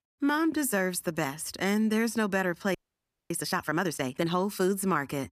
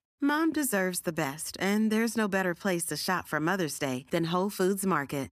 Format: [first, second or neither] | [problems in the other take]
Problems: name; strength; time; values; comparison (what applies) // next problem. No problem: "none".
second | audio freezing; at 3 s for 0.5 s